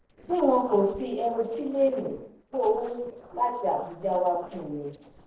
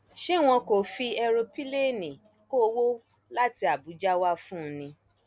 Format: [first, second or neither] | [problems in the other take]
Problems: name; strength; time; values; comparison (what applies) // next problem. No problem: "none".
second | noise reduction (neural separator model SepFormer DNS4)